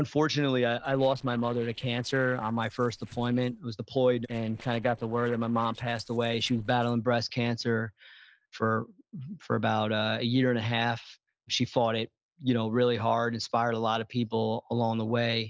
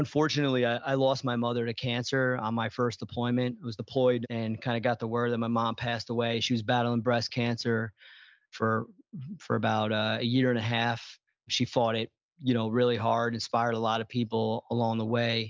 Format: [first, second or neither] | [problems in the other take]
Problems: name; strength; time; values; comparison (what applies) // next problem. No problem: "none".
second | noise reduction (neural separator model SepFormer DNS4)